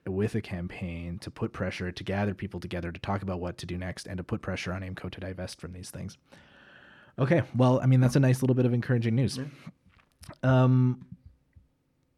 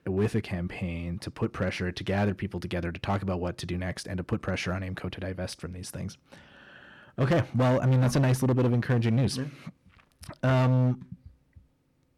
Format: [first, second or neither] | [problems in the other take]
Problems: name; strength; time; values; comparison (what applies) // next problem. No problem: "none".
first | distortion; slight; 7% of the sound clipped